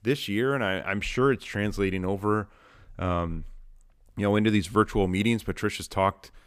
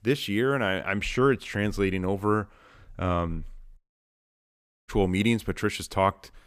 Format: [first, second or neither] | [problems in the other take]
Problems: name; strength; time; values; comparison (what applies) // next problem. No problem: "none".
first | audio cutting out; at 4 s for 1 s